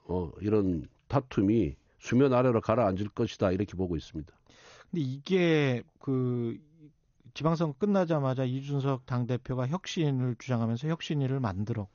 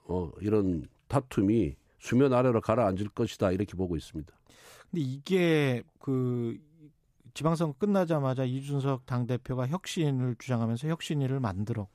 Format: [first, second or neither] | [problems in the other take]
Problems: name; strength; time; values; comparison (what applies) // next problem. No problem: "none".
second | garbled, watery; slightly; nothing above 6.5 kHz